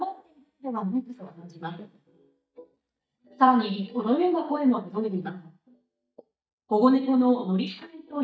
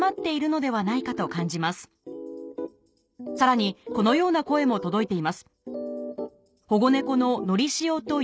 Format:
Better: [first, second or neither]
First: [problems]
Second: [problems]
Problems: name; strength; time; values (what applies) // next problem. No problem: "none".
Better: second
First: noise reduction (neural mask model DeepFilterNet 3)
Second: none